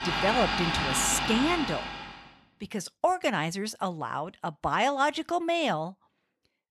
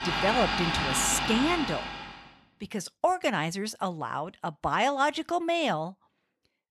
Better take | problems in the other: neither | household noises; loud; until 1.5 s; as loud as the speech; the same in both

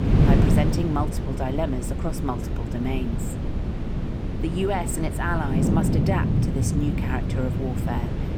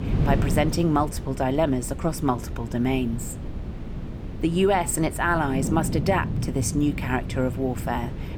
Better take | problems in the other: second | wind noise on the microphone; heavy; 2 dB below the speech; occasional gusts in the second

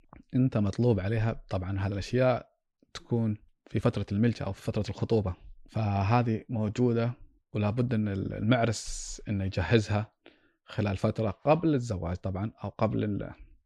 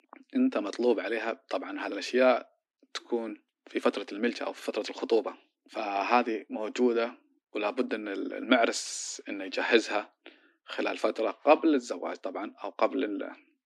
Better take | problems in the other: first | thin; somewhat; fading below 250 Hz

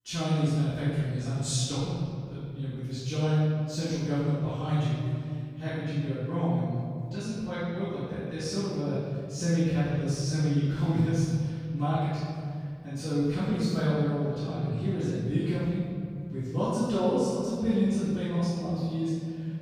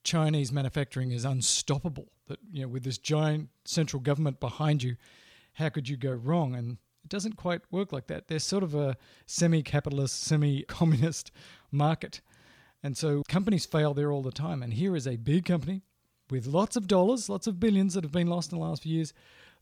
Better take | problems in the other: second | room echo; strong; dies away in 2.4 s // off-mic speech; far

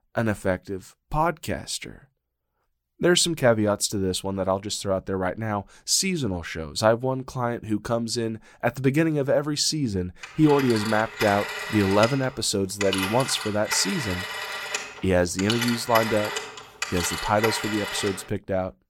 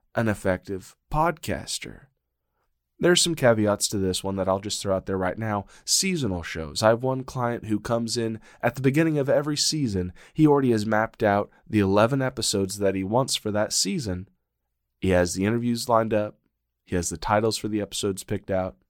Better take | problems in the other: second | phone ringing; noticeable; from 10 to 18 s; peak 2 dB below the speech

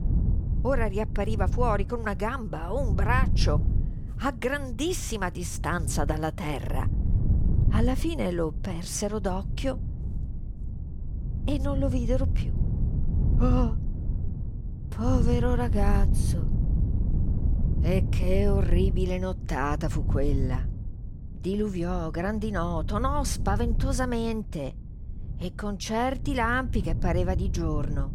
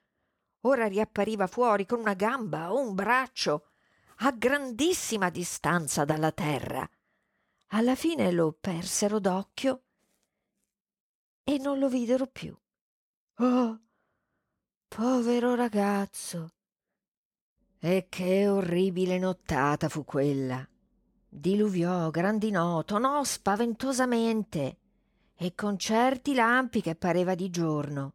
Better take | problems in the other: second | wind noise on the microphone; occasional gusts; 10 dB below the speech

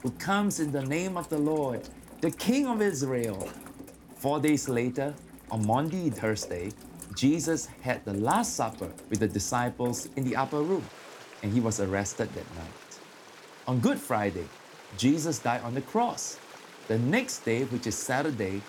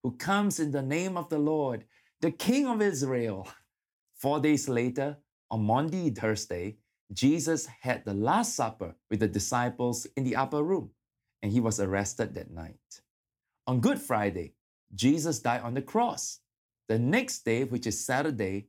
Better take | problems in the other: second | rain or running water; noticeable; throughout; 15 dB below the speech

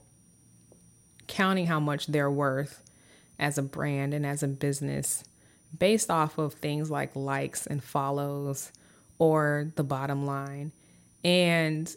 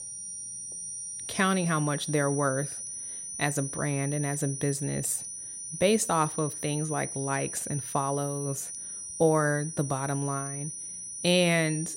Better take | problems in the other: first | high-pitched whine; loud; throughout; 9.5 kHz, 7 dB below the speech; faint in the first

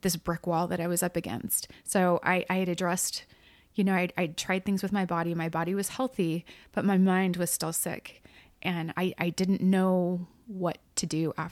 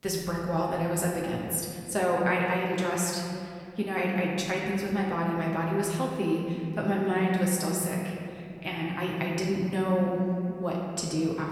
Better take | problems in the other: first | room echo; noticeable; dies away in 2.4 s // off-mic speech; far

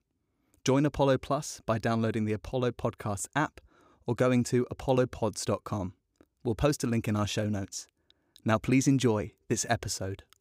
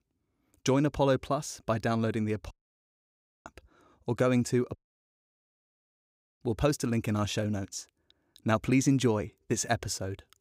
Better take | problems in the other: first | audio cutting out; at 2.5 s for 1 s and at 5 s for 1.5 s

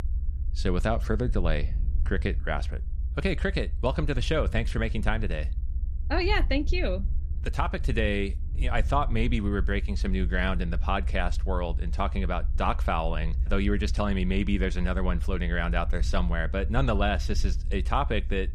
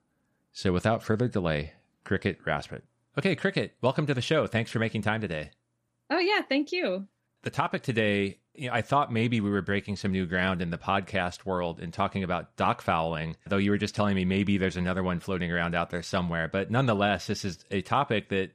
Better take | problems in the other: second | low rumble; faint; throughout; 20 dB below the speech

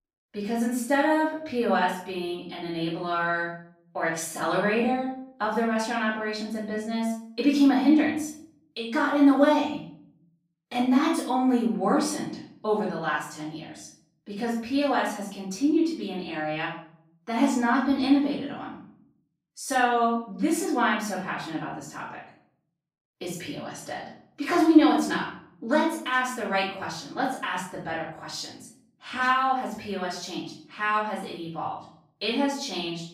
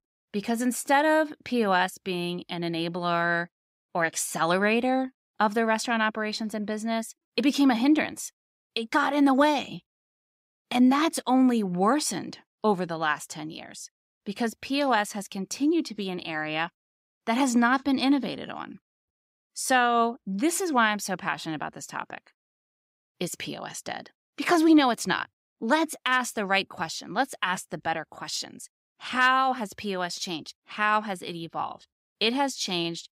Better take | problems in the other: second | off-mic speech; far // room echo; noticeable; dies away in 0.6 s

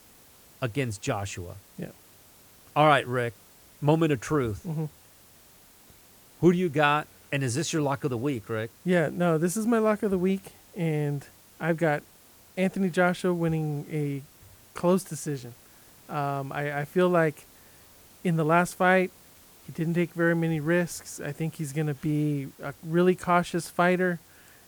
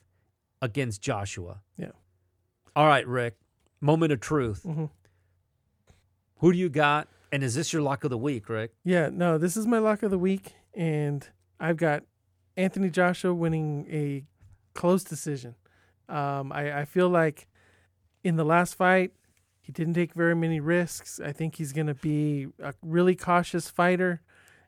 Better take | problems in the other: second | hiss; faint; throughout; 25 dB below the speech

